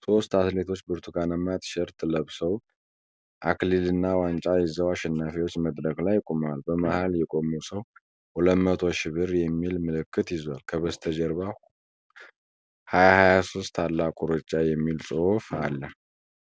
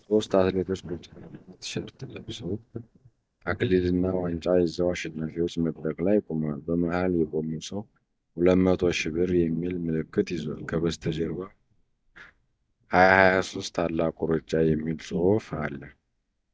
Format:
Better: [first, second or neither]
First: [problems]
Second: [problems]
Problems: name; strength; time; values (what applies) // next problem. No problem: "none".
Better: first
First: none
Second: noise reduction (neural mask model DeepFilterNet 3)